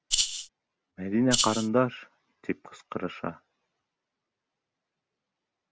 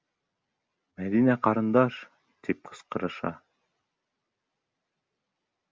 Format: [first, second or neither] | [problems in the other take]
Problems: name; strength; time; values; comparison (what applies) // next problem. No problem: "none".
second | background sound (Rattle (instrument)); 5 dB above the speech